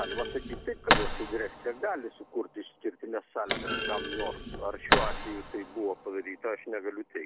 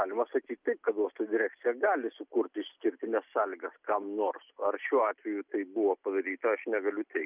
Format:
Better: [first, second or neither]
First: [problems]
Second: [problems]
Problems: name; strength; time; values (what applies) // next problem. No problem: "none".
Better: second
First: background sound (Thump, thud); 2 dB above the speech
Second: none